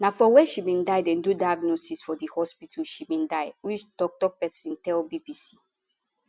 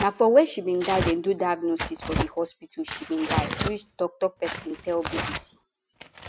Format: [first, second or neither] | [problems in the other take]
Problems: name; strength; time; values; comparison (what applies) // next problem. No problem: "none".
first | background sound (Tearing); 7 dB below the speech